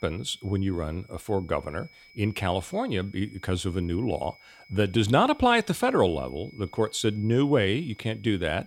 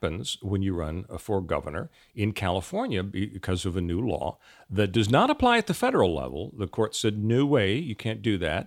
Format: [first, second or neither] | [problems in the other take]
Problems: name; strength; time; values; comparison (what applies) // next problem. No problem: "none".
second | high-pitched whine; faint; throughout; 2 kHz, 25 dB below the speech